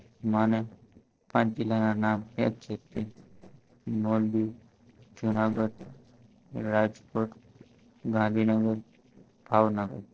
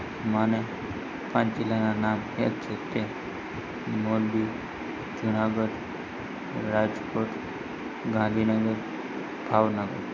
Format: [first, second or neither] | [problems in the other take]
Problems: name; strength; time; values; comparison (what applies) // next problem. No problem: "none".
second | noise reduction (neural separator model SepFormer DNS4)